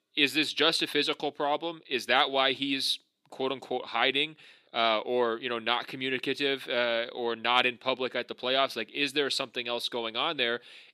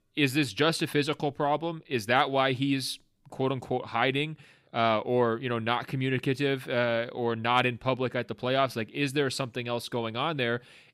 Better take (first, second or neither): second